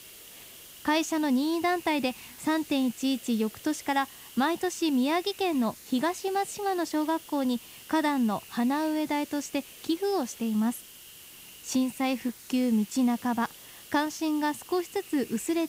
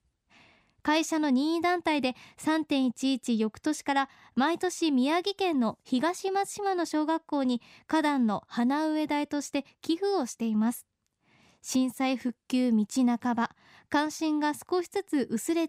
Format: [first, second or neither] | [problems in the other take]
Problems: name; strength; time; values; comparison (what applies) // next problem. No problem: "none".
second | hiss; noticeable; throughout; 15 dB below the speech